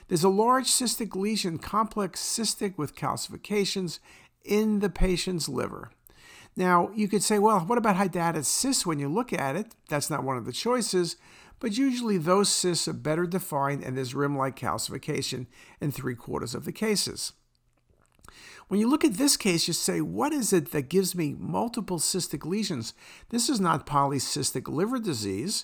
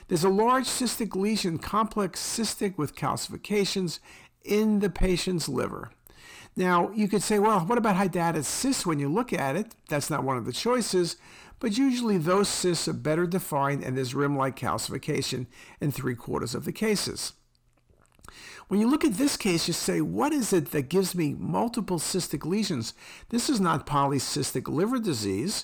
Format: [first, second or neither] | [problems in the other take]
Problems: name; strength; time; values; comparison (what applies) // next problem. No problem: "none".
first | distortion; slight; 10 dB below the speech